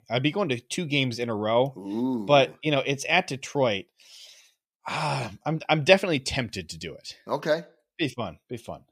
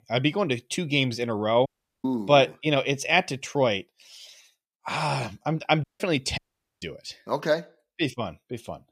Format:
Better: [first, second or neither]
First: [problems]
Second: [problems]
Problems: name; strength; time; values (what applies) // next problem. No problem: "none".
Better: first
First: none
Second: audio cutting out; at 1.5 s, at 6 s and at 6.5 s